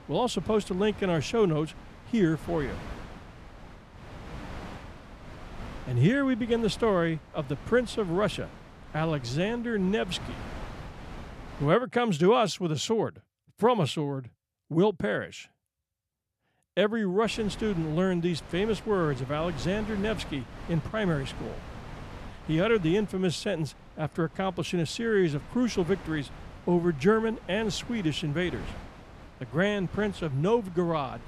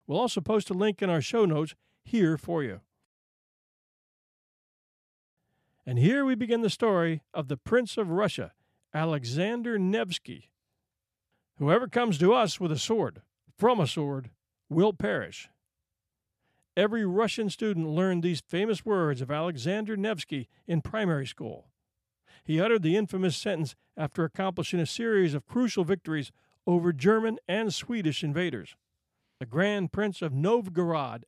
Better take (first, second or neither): second